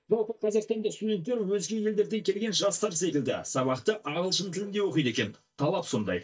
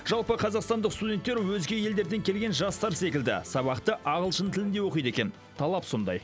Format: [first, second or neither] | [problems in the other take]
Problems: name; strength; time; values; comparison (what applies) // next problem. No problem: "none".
second | noise reduction (neural mask model DeepFilterNet 3)